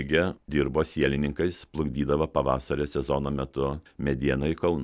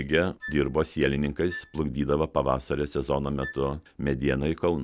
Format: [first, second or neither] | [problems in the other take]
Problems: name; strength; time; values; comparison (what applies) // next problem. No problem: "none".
first | background sound (Wind instrument, woodwind instrument); 17 dB below the speech